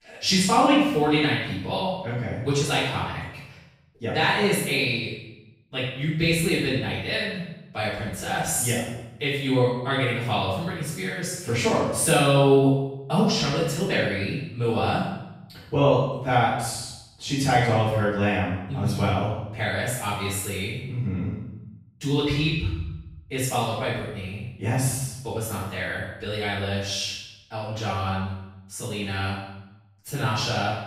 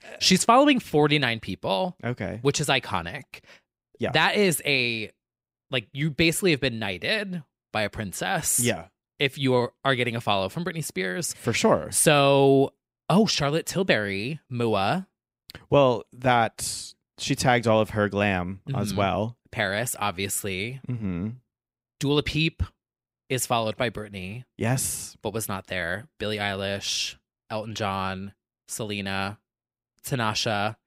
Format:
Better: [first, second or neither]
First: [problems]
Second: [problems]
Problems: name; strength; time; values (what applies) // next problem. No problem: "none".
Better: second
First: off-mic speech; far // room echo; strong; dies away in 0.8 s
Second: none